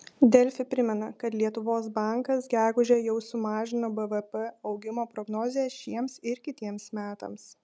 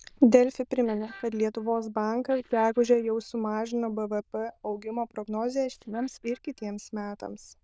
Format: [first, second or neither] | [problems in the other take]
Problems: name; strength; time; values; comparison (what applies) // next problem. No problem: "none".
first | noise reduction (neural diffusion model UNIVERSE++)